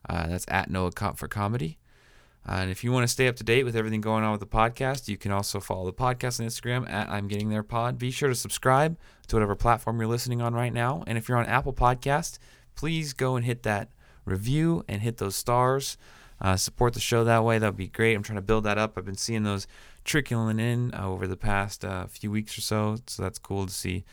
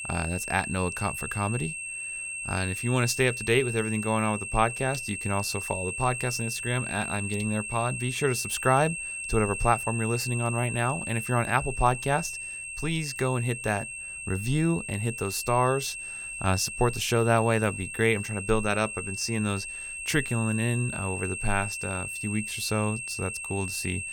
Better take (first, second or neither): first